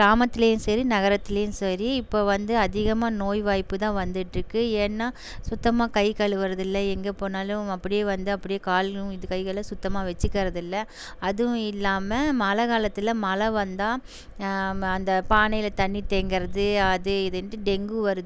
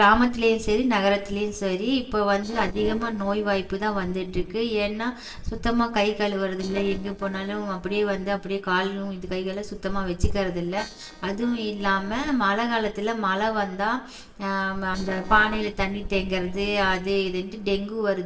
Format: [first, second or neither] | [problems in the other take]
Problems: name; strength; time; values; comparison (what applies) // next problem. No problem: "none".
first | noise reduction (neural separator model SepFormer DNS4)